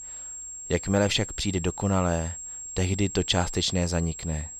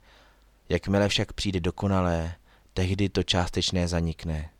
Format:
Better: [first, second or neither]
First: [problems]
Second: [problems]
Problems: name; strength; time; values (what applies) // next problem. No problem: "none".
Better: second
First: high-pitched whine; loud; throughout; 7.5 kHz, 9 dB below the speech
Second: none